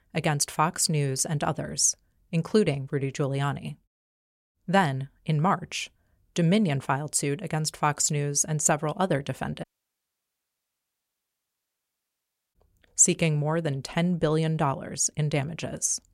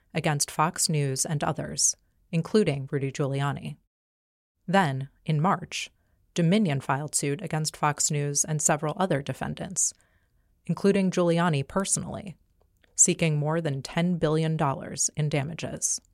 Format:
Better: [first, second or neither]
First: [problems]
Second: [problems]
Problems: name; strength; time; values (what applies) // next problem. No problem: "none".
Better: second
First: audio cutting out; at 9.5 s for 3 s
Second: none